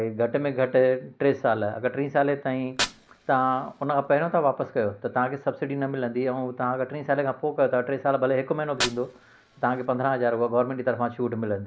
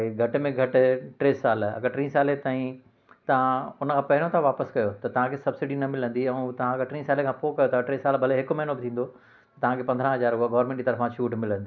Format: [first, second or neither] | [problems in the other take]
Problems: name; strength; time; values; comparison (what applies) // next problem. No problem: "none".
second | background sound (Fire); 16 dB below the speech